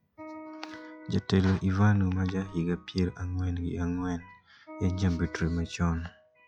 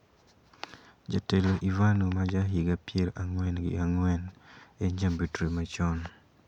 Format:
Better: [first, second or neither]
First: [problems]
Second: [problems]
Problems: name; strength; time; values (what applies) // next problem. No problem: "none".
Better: second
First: noise reduction (classical method log-MMSE)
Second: none